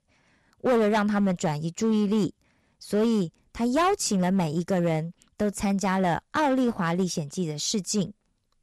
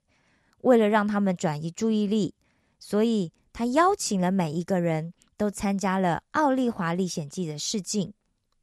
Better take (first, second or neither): second